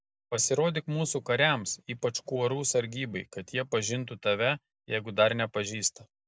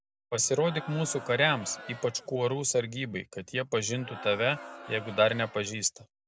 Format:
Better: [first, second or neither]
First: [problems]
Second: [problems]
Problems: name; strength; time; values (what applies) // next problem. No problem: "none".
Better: first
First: none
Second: background sound (Crowd); 15 dB below the speech